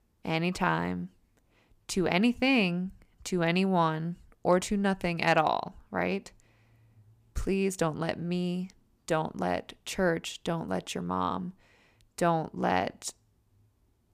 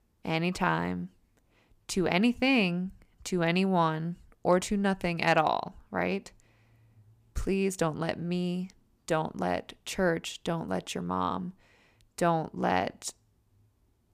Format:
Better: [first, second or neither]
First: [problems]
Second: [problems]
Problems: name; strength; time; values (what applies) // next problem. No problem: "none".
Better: neither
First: none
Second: none